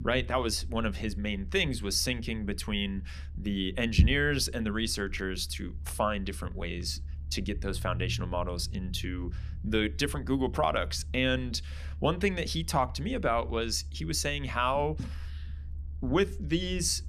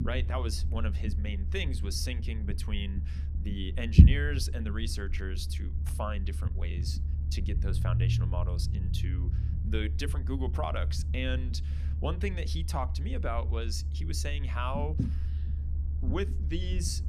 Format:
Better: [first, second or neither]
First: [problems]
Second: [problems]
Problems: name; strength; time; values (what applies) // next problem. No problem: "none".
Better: first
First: low rumble; faint; throughout; 20 dB below the speech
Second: low rumble; loud; throughout; 7 dB below the speech